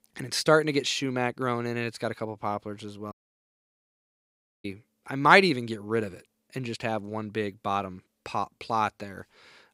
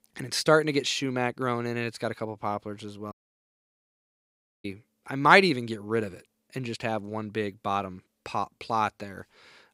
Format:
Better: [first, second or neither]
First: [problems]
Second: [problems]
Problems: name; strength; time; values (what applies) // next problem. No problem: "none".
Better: neither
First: audio cutting out; at 3 s for 1.5 s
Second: audio cutting out; at 3 s for 1.5 s